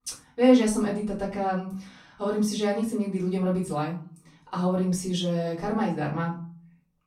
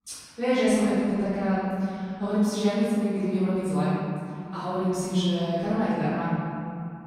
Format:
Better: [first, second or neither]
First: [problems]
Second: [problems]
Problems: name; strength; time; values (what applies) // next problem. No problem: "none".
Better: first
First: room echo; slight; dies away in 0.4 s // off-mic speech; far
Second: room echo; strong; dies away in 2.8 s // off-mic speech; far